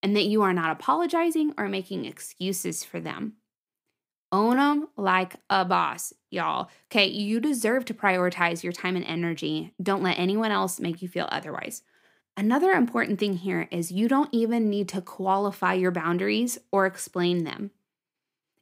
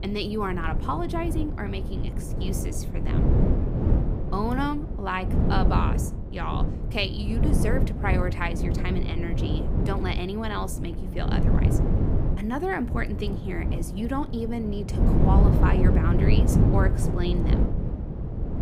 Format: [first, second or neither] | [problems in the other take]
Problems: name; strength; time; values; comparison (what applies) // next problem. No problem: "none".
first | wind noise on the microphone; heavy; 4 dB below the speech